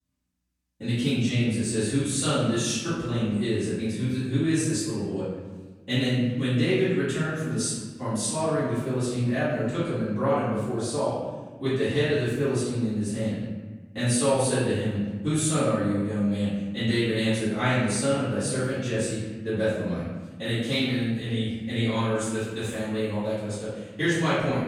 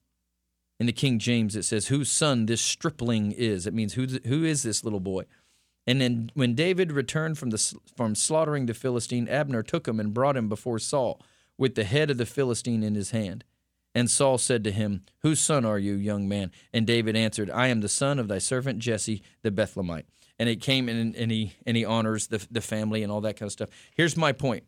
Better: second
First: room echo; strong; dies away in 1.2 s // off-mic speech; far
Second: none

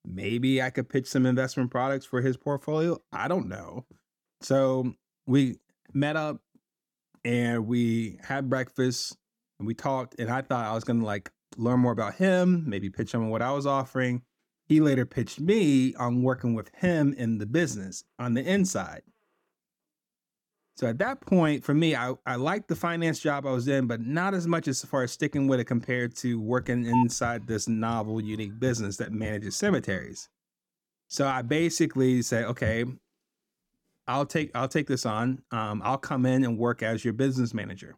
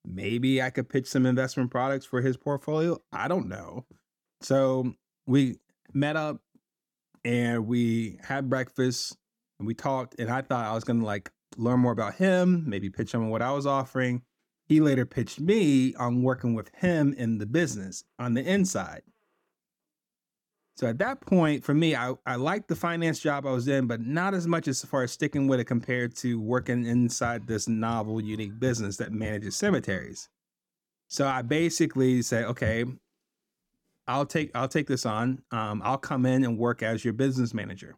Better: second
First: phone ringing; noticeable; at 27 s; peak 3 dB below the speech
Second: none

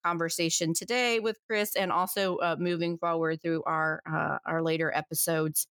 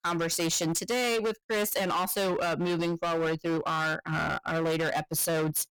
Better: first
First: none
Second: distortion; heavy; 28% of the sound clipped

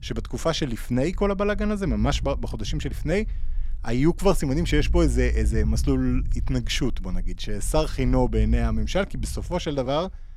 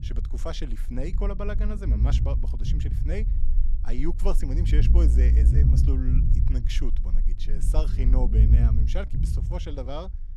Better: first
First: low rumble; faint; throughout; 20 dB below the speech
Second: low rumble; loud; throughout; 4 dB below the speech

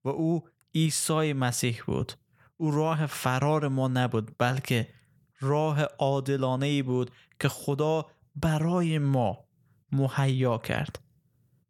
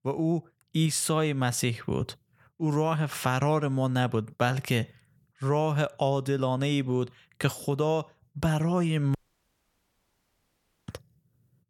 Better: first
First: none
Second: audio cutting out; at 9 s for 1.5 s

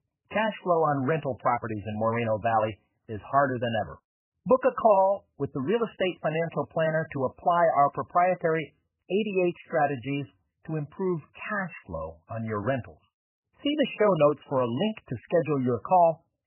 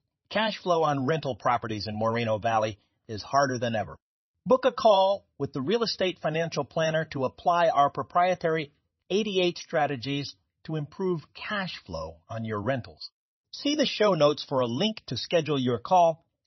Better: second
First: garbled, watery; badly; nothing above 3 kHz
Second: garbled, watery; slightly; nothing above 6 kHz

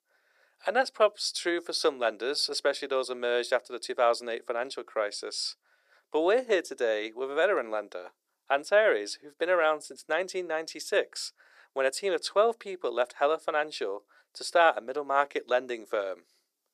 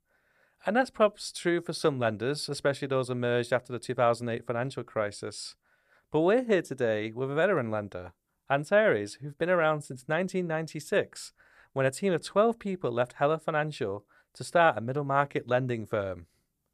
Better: second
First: thin; very; fading below 350 Hz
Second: none

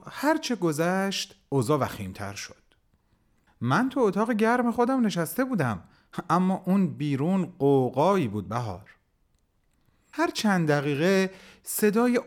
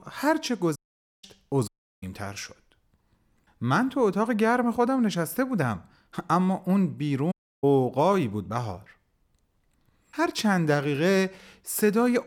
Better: first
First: none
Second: audio cutting out; at 1 s, at 1.5 s and at 7.5 s

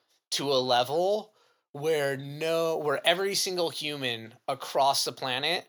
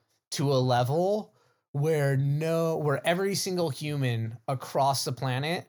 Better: second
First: thin; somewhat; fading below 350 Hz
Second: none

